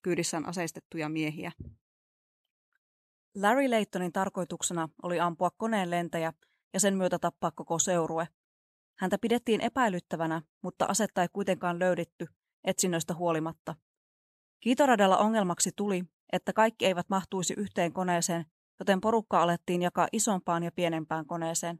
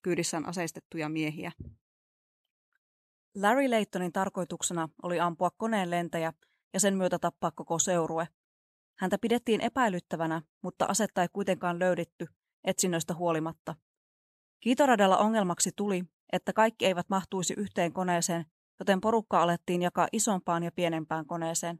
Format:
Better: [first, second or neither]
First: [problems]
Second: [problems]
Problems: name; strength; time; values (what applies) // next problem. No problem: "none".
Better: neither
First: none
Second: none